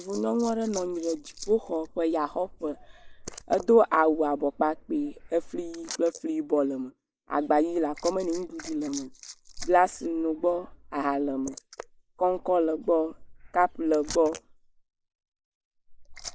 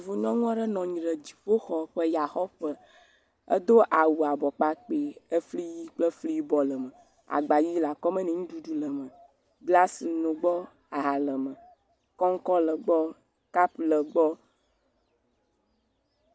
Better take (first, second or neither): second